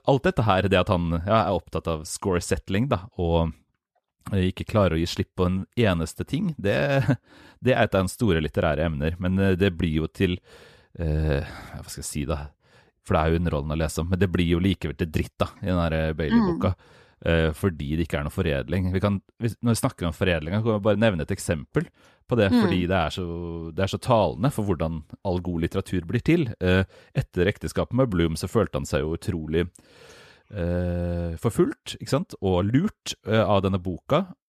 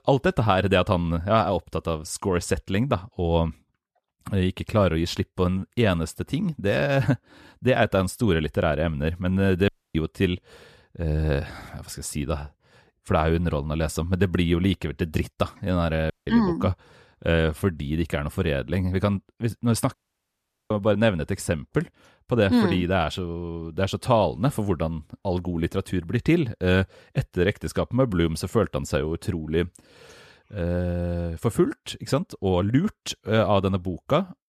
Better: first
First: none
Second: audio cutting out; at 9.5 s, at 16 s and at 20 s for 1 s

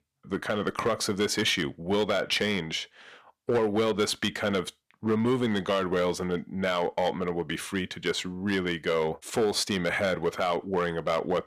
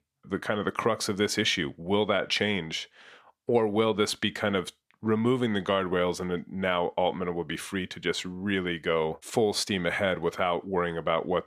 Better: second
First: distortion; slight; 4% of the sound clipped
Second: none

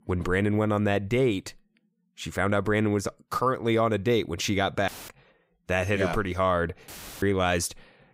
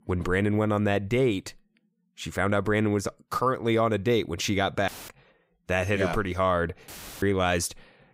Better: neither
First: audio cutting out; filled with static; at 5 s and at 7 s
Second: audio cutting out; filled with static; at 5 s and at 7 s

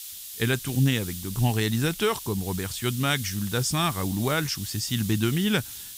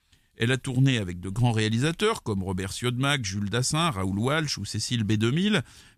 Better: second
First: hiss; loud; throughout; 10 dB below the speech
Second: none

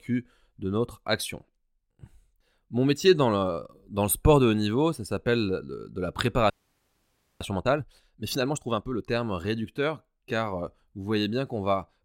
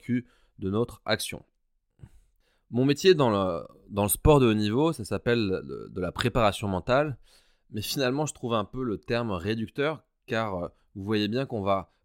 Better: second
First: audio freezing; at 6.5 s for 1 s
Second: none

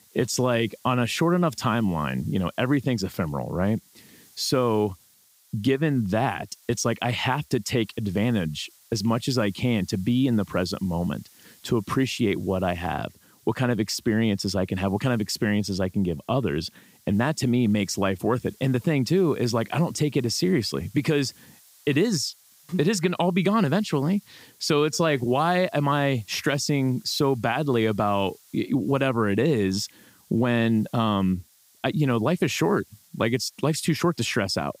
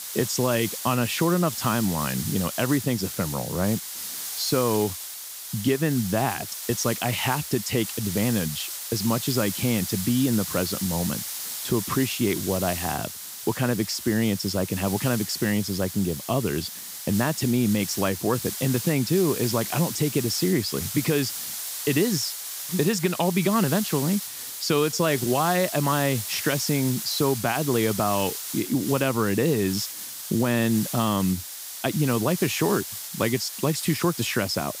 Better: first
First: hiss; faint; throughout; 30 dB below the speech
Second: hiss; loud; throughout; 6 dB below the speech

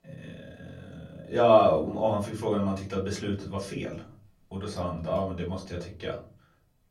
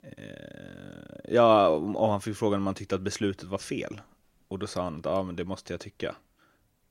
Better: second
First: off-mic speech; far // room echo; very slight; dies away in 0.5 s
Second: none

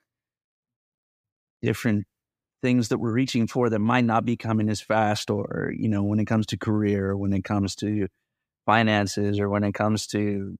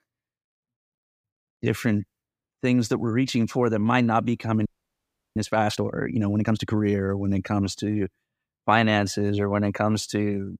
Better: first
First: none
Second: audio freezing; at 4.5 s for 0.5 s

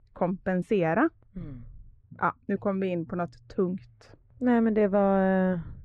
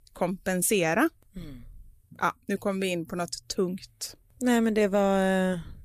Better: second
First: muffled; very; fading above 1.5 kHz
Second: none

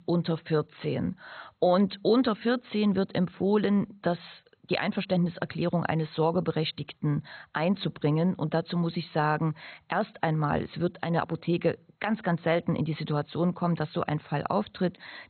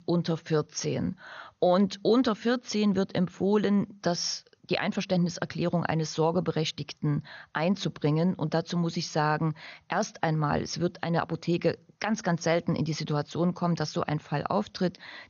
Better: second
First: garbled, watery; badly; nothing above 4 kHz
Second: garbled, watery; slightly; nothing above 6.5 kHz

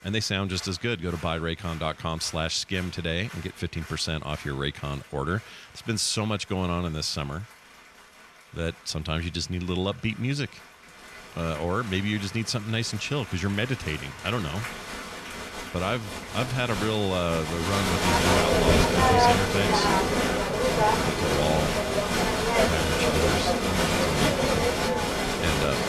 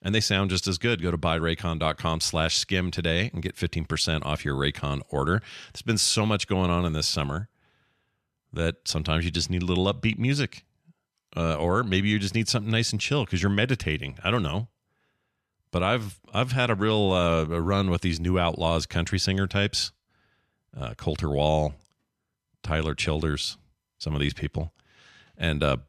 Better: second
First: crowd noise; very loud; throughout; 4 dB above the speech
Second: none

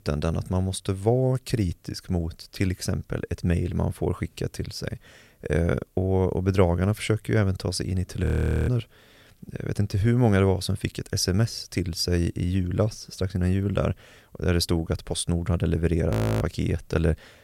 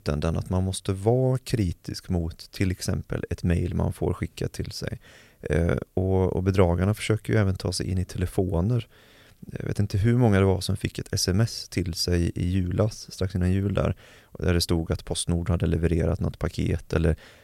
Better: second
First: audio freezing; at 8.5 s and at 16 s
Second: none

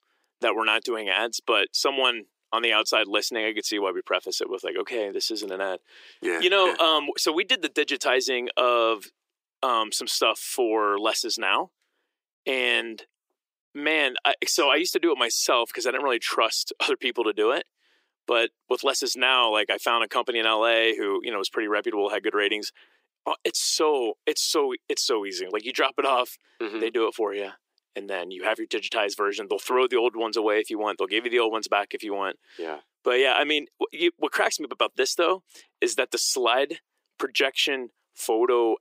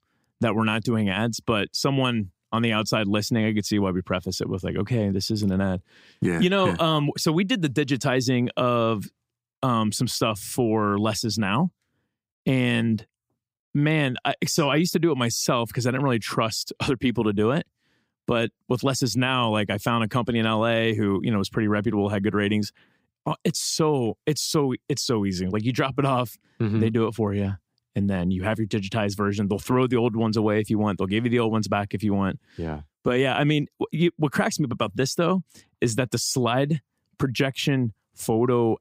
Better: second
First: thin; very; fading below 350 Hz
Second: none

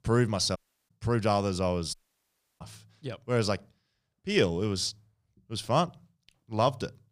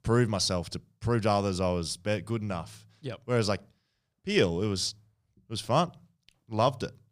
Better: second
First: audio cutting out; at 0.5 s and at 2 s for 0.5 s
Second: none

